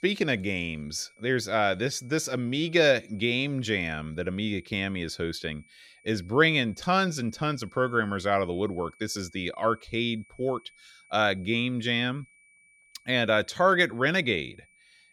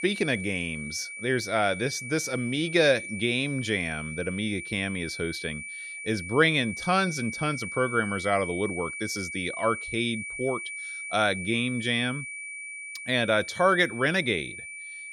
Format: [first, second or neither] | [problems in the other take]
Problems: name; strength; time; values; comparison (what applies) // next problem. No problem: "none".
first | high-pitched whine; loud; throughout; 2.5 kHz, 8 dB below the speech; faint in the first